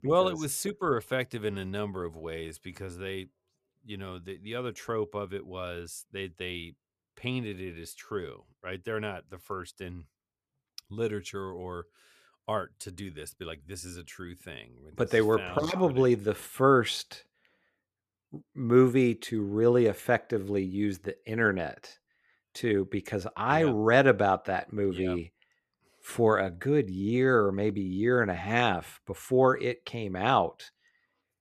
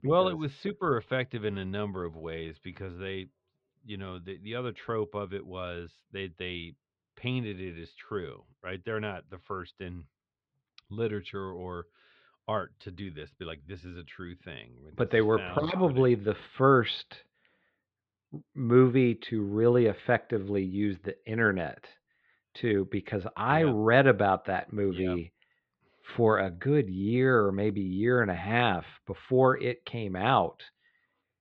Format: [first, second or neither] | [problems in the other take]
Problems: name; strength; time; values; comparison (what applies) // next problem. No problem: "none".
first | muffled; slightly; fading above 4 kHz